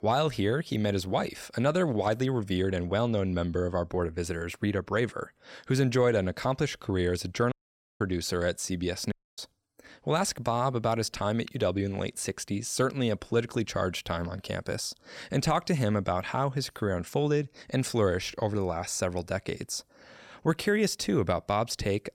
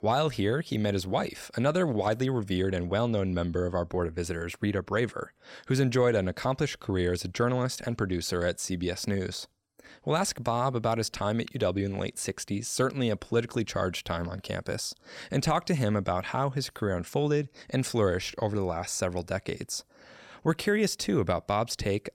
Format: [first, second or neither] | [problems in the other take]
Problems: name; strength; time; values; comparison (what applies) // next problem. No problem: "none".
second | audio cutting out; at 7.5 s and at 9 s